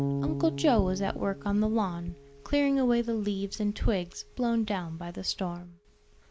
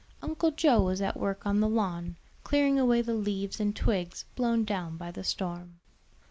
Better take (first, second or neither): second